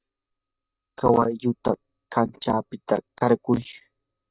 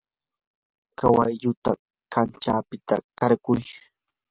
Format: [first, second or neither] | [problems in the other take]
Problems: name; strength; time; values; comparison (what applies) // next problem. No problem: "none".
second | noise reduction (neural mask model DeepFilterNet 3)